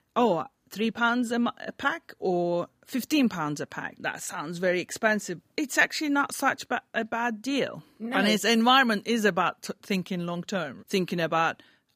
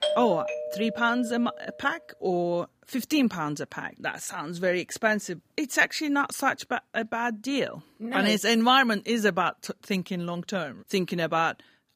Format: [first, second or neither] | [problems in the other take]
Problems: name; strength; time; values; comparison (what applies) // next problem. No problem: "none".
first | doorbell; noticeable; until 1.5 s; peak level with the speech